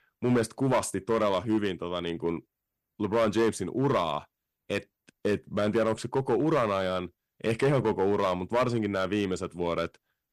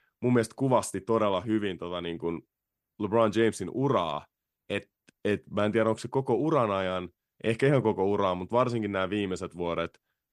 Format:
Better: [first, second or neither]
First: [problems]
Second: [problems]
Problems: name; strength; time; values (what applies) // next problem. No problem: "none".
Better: second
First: distortion; slight; 5% of the sound clipped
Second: none